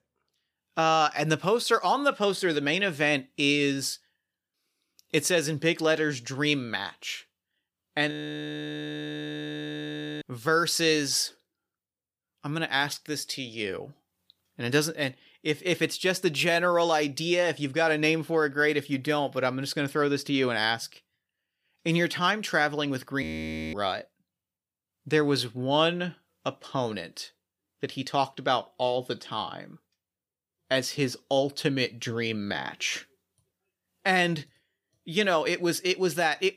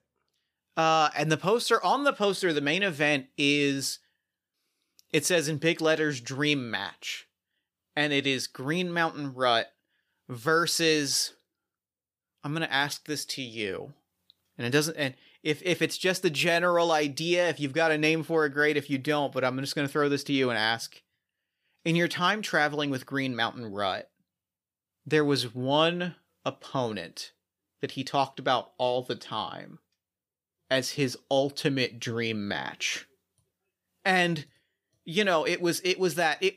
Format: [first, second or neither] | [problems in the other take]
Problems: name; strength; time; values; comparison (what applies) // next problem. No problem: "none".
second | audio freezing; at 8 s for 2 s and at 23 s for 0.5 s